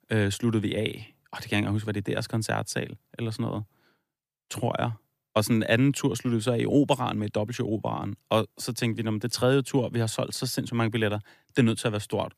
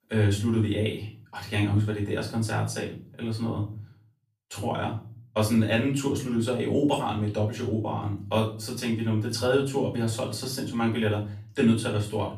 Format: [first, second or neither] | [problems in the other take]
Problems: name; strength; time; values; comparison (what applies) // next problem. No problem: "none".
first | off-mic speech; far // room echo; slight; dies away in 0.4 s